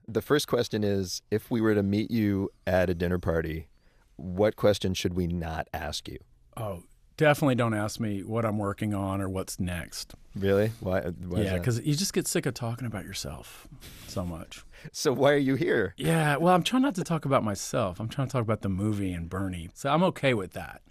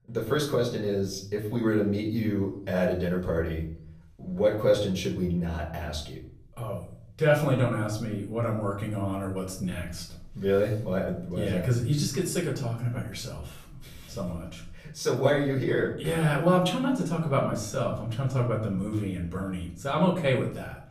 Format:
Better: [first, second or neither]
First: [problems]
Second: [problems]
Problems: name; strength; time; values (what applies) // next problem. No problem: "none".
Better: first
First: none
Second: room echo; slight; dies away in 0.5 s // off-mic speech; far